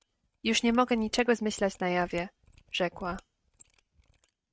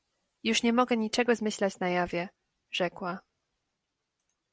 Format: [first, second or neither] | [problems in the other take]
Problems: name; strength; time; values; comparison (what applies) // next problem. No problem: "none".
second | noise reduction (neural mask model RNNoise)